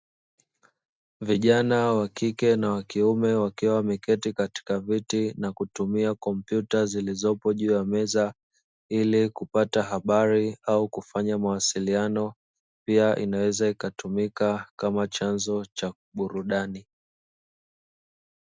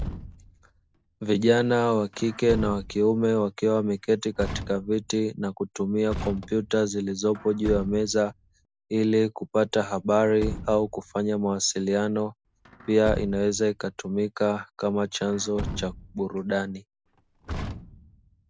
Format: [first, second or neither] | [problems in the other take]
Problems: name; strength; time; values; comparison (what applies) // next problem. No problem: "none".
first | background sound (Truck); 13 dB below the speech